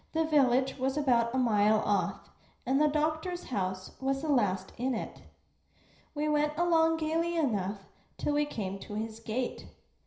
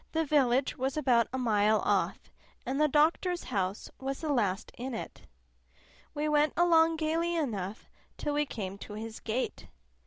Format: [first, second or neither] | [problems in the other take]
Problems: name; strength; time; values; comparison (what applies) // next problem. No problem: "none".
second | room echo; dies away in 0.5 s